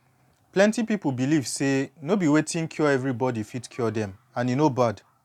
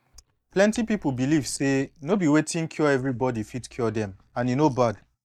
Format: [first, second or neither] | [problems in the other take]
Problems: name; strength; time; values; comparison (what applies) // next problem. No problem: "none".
first | noise reduction (neural mask model DeepFilterNet 3)